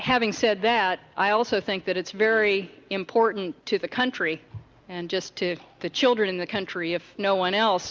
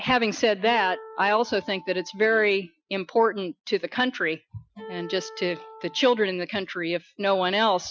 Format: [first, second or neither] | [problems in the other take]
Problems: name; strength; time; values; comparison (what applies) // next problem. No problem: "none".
first | noise reduction (classical method Wiener filter)